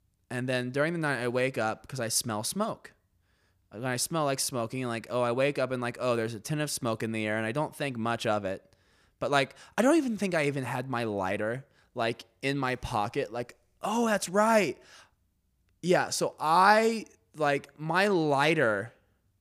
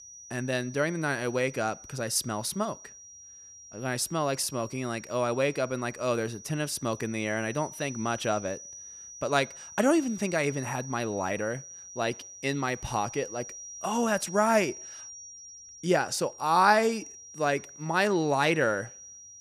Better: first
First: none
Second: high-pitched whine; noticeable; throughout; 6 kHz, 15 dB below the speech

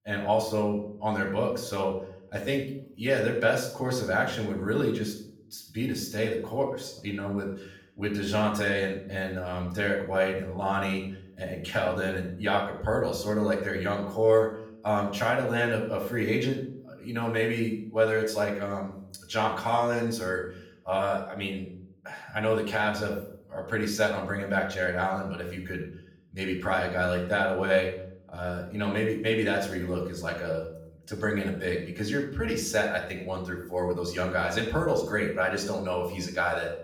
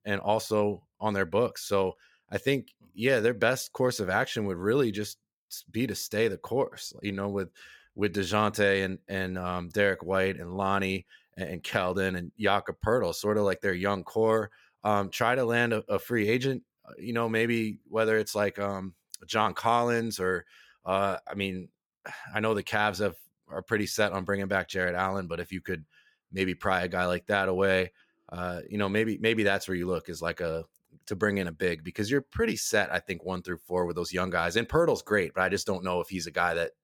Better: second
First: off-mic speech; far // room echo; slight; dies away in 0.5 s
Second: none

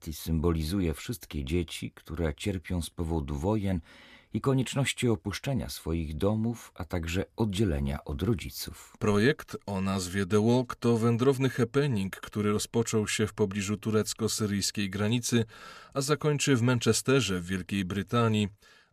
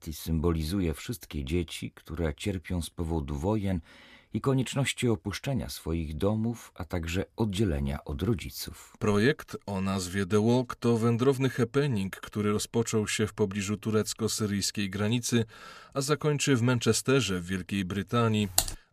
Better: first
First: none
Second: keyboard typing; loud; at 18 s; peak 2 dB above the speech

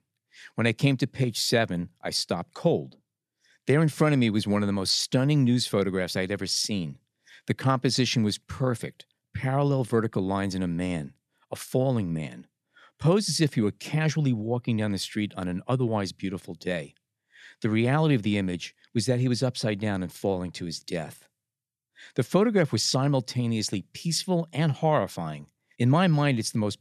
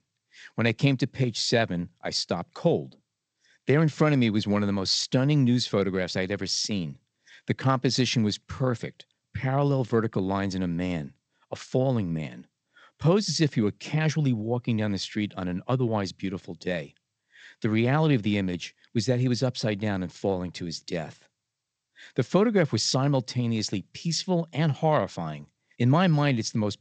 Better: first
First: none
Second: garbled, watery; slightly; nothing above 8 kHz

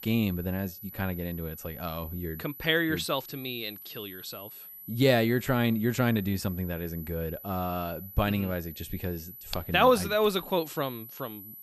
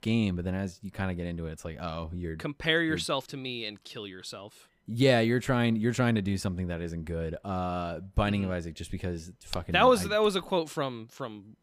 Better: second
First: high-pitched whine; noticeable; throughout; 12 kHz, 15 dB below the speech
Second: none

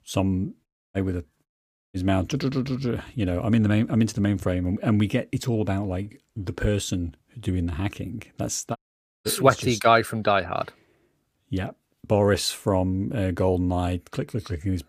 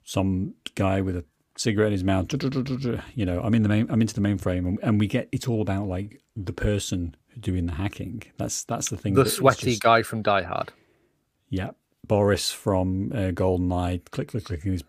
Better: second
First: audio cutting out; at 0.5 s, at 1.5 s and at 9 s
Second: none

